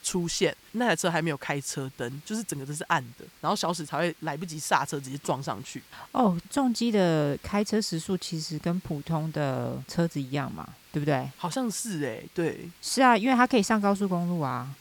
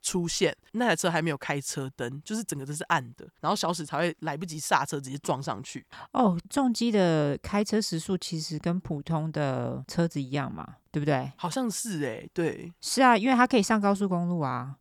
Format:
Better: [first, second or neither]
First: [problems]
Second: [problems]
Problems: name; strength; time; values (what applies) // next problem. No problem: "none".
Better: second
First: hiss; faint; throughout; 25 dB below the speech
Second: none